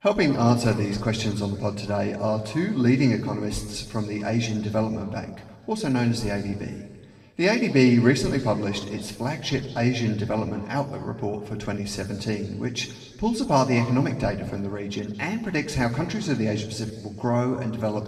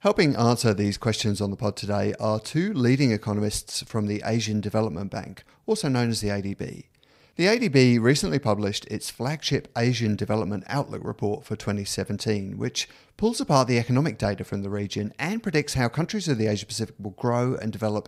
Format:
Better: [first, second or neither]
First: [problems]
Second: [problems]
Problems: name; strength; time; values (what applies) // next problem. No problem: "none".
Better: second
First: room echo; slight; dies away in 1.6 s // off-mic speech; far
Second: none